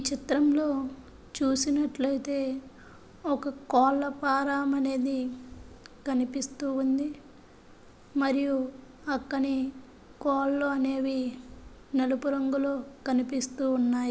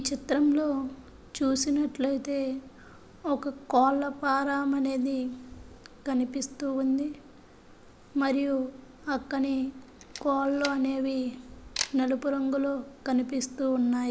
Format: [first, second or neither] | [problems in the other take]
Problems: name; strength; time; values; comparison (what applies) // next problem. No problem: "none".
first | background sound (Camera); 13 dB below the speech